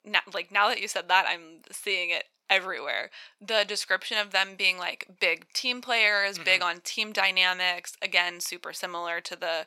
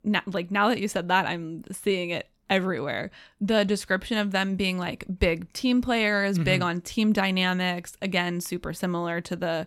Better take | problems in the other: second | thin; very; fading below 750 Hz

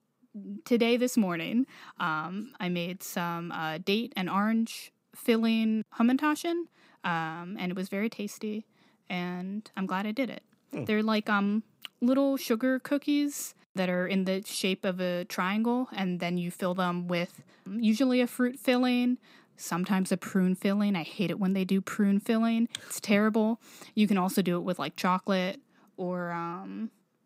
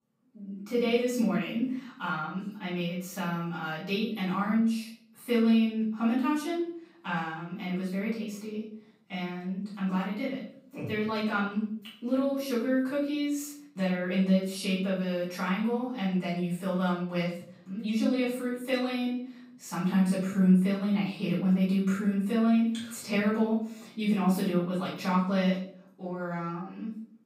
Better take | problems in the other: first | off-mic speech; far // room echo; noticeable; dies away in 0.5 s

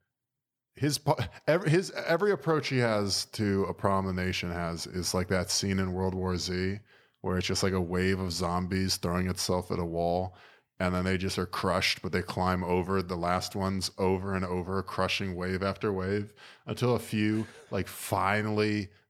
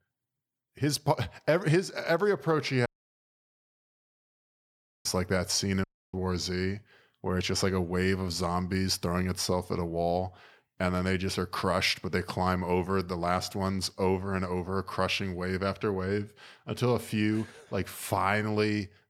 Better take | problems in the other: first | audio cutting out; at 3 s for 2 s and at 6 s

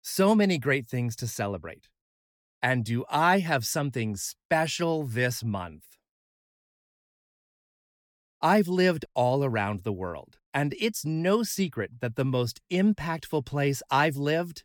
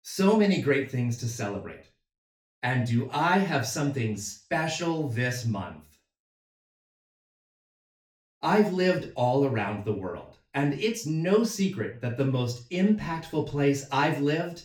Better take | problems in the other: first | room echo; slight; dies away in 0.4 s // off-mic speech; far

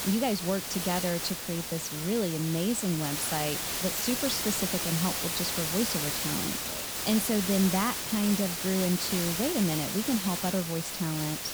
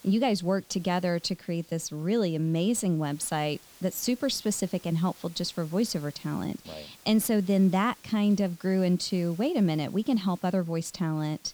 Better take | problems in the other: second | hiss; loud; throughout; as loud as the speech; faint in the second

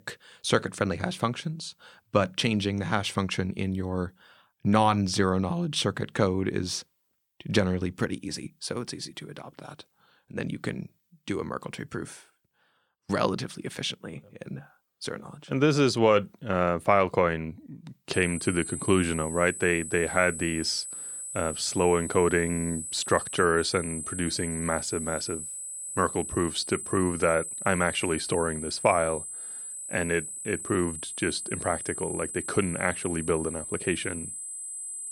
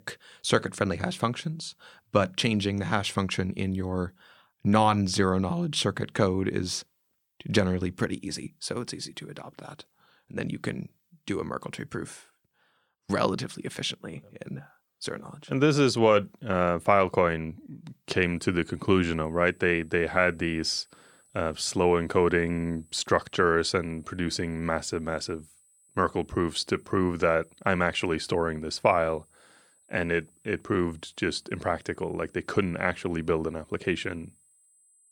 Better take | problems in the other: second | high-pitched whine; loud; from 18 s on; 8 kHz, 7 dB below the speech; faint in the second

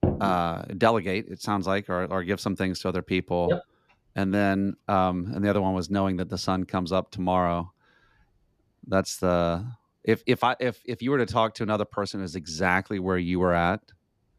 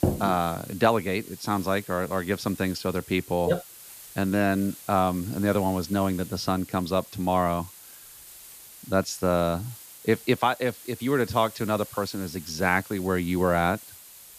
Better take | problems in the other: first | hiss; noticeable; throughout; 15 dB below the speech

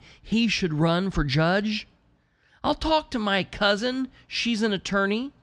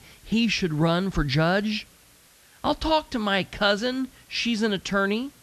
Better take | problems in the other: first | hiss; faint; throughout; 30 dB below the speech

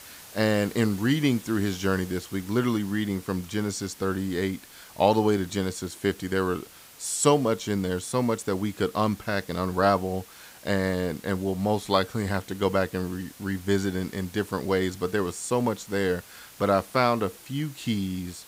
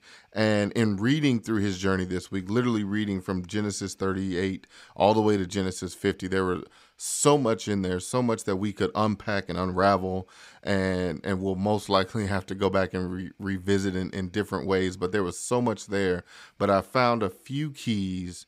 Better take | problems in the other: second | hiss; noticeable; throughout; 20 dB below the speech

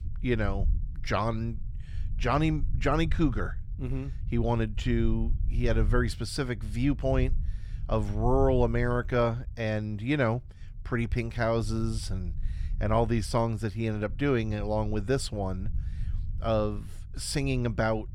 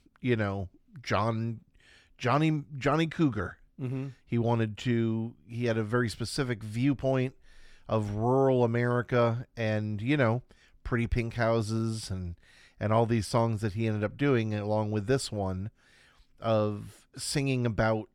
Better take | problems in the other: second | low rumble; faint; throughout; 25 dB below the speech

